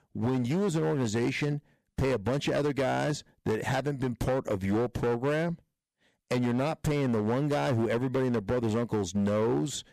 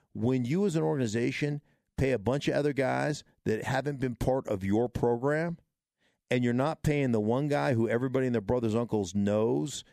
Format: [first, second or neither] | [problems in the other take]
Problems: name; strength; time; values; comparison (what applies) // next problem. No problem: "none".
second | distortion; slight; 15% of the sound clipped